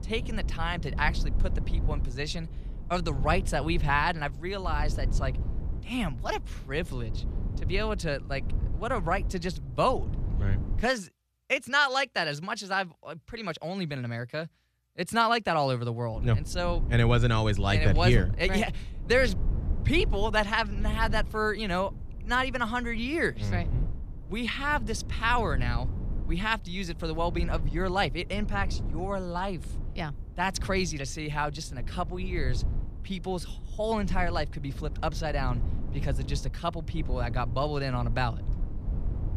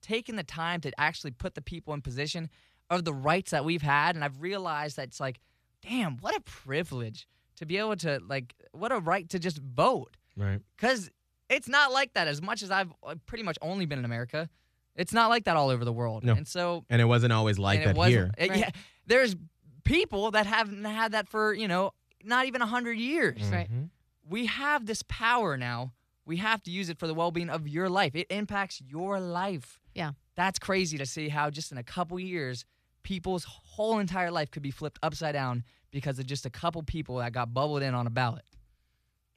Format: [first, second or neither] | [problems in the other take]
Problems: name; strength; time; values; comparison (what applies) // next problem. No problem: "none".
second | low rumble; noticeable; until 11 s and from 16 s on; 20 dB below the speech